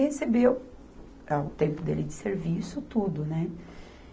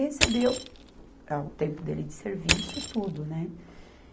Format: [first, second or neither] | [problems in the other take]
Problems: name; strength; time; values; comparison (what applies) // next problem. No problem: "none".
first | background sound (Crushing); 1 dB below the speech